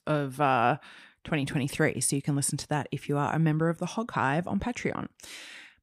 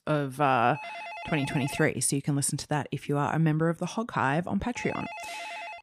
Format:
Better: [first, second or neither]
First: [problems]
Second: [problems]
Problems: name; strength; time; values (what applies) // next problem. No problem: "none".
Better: first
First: none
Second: phone ringing; noticeable; from 1 s on; peak 10 dB below the speech